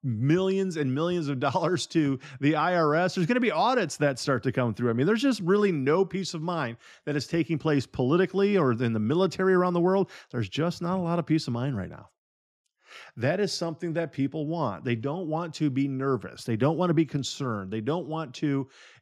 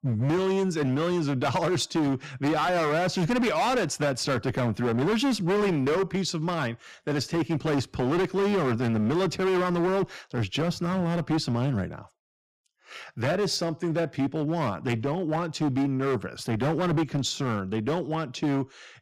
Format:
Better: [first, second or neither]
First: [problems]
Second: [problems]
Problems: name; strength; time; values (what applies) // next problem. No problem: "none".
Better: first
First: none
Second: distortion; heavy; 19% of the sound clipped